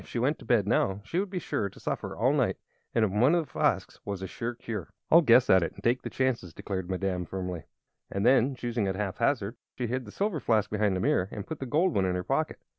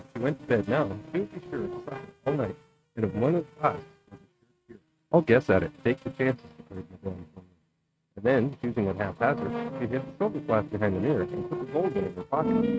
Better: first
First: none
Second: noise reduction (neural mask model RNNoise)

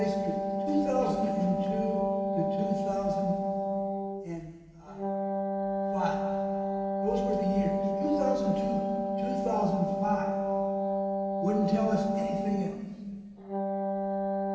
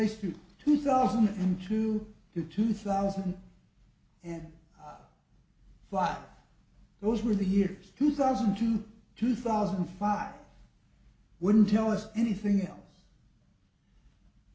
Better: second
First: background sound (Wind instrument, woodwind instrument); 2 dB above the speech // room echo; dies away in 2.4 s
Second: none

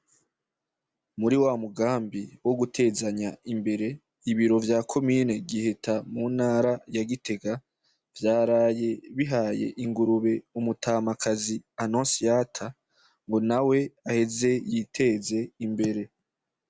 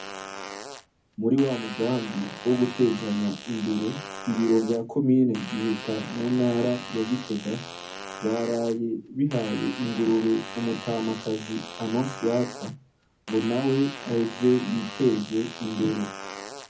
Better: first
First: none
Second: background sound (Fart); 12 dB below the speech // room echo; dies away in 0.3 s

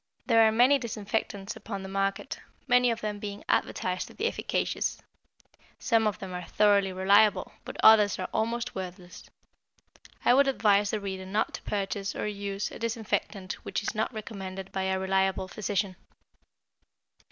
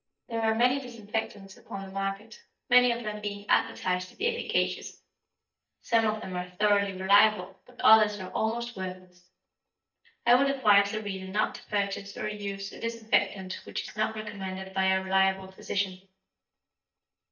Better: first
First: none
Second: noise reduction (neural mask model DeepFilterNet 3)

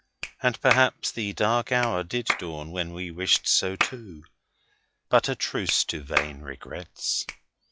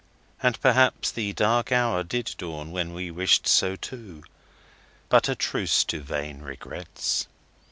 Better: second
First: noise reduction (classical method log-MMSE)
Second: none

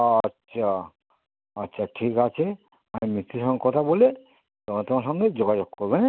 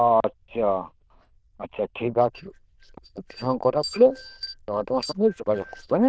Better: first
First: none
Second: noise reduction (neural diffusion model UNIVERSE++)

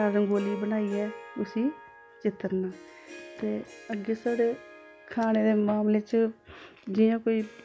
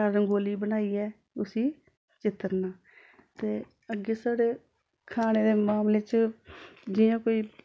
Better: second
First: background sound (Harp); 18 dB below the speech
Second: none

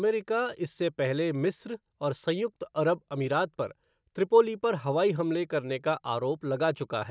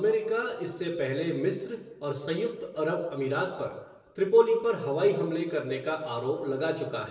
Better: first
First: none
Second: room echo; dies away in 0.9 s

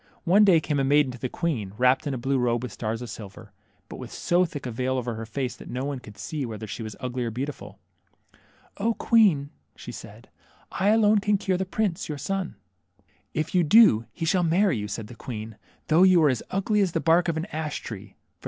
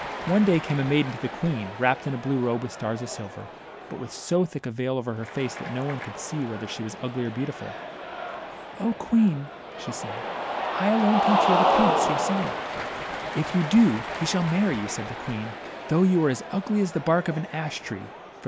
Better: first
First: none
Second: background sound (Cheering); 4 dB below the speech

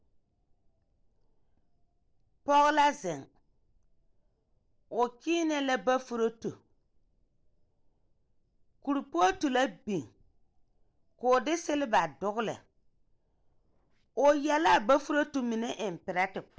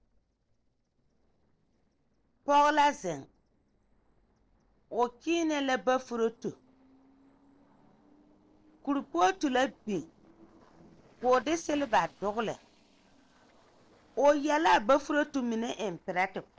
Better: first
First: none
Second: noise reduction (neural separator model SepFormer DNS4)

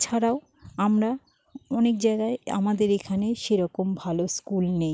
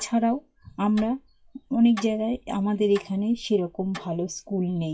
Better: first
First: none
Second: noise reduction (classical method WPE with log-MMSE)

